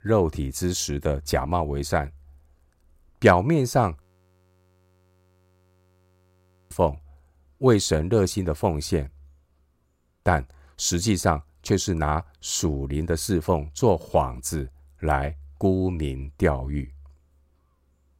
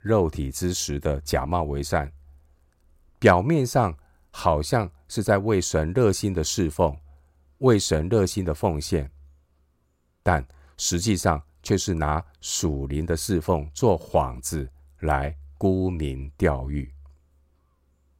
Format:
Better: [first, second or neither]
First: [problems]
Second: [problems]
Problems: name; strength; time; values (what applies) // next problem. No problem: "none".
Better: second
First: audio freezing; at 4 s for 2.5 s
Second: none